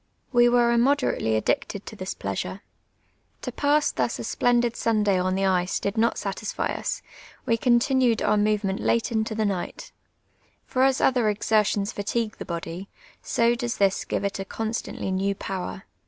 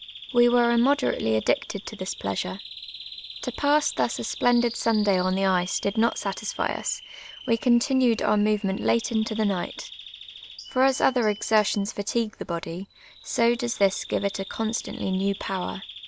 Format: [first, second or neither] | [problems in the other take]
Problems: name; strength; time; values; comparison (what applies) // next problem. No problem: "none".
first | background sound (Bird vocalization, bird call, bird song); 16 dB below the speech